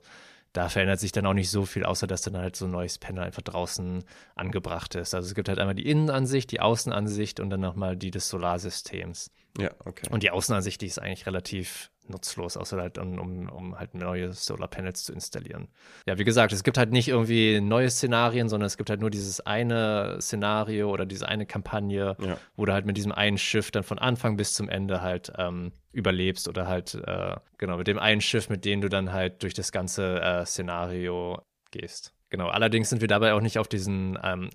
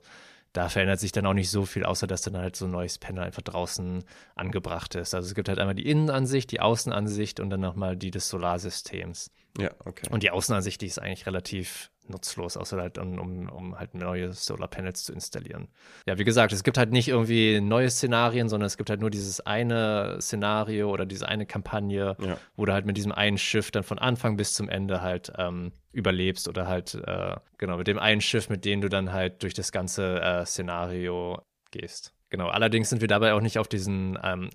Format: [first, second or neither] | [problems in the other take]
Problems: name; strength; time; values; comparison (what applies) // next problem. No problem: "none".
neither | none